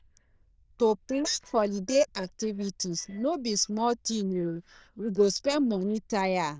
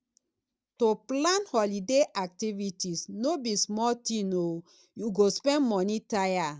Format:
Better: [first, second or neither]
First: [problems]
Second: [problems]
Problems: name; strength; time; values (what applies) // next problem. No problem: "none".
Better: second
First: noise reduction (neural diffusion model UNIVERSE++)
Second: none